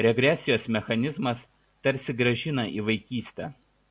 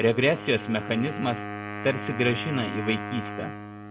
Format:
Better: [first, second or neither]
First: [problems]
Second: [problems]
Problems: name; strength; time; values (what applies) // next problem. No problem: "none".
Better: first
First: none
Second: background sound (Wind instrument, woodwind instrument); 8 dB below the speech